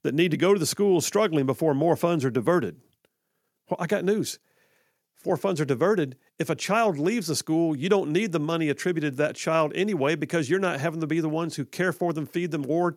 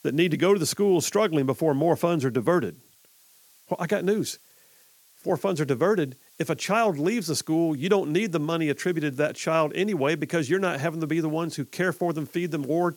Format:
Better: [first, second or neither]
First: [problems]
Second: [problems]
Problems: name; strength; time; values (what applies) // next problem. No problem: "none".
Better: first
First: none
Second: hiss; faint; throughout; 30 dB below the speech